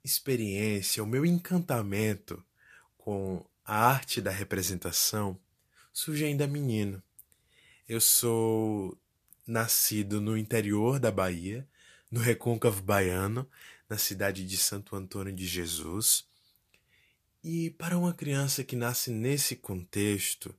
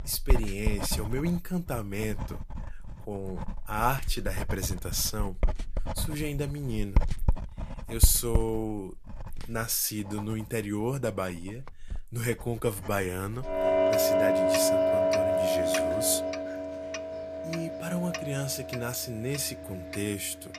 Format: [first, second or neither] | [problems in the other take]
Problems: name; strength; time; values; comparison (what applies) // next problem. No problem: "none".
first | household noises; very loud; throughout; 1 dB above the speech